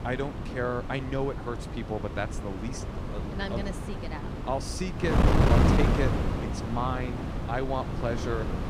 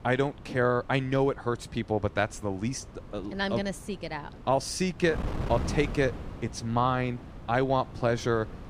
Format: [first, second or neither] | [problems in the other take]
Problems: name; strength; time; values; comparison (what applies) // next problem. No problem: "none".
second | wind noise on the microphone; heavy; 1 dB below the speech; occasional gusts in the second